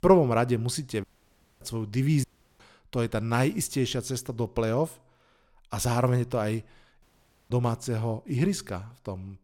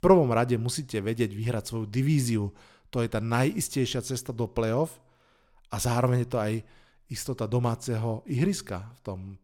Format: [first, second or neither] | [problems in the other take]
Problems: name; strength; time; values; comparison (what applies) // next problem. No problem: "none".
second | audio cutting out; at 1 s for 0.5 s, at 2 s and at 7 s